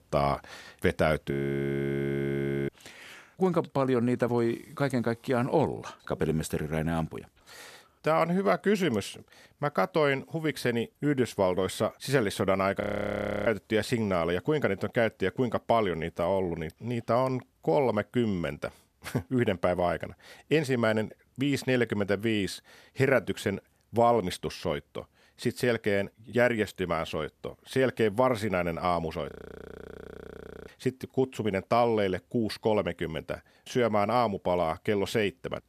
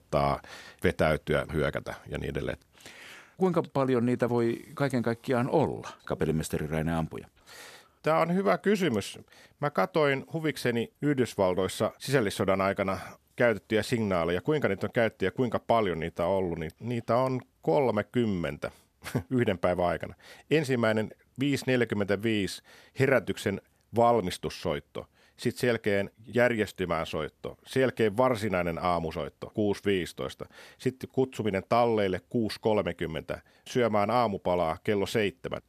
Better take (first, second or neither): second